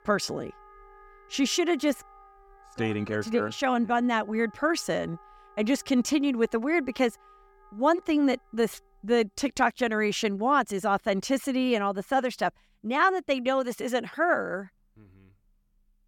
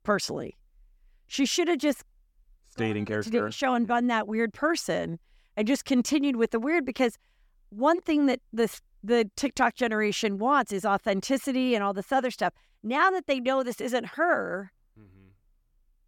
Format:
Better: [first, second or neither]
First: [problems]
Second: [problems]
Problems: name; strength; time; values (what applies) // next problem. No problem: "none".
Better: second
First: background music; faint; throughout; 25 dB below the speech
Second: none